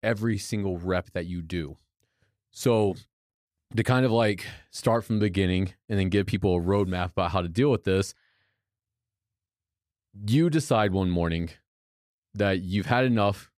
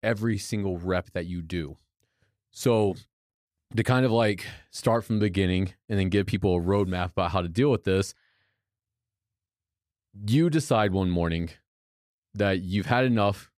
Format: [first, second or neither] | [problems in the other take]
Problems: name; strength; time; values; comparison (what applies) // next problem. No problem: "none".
neither | none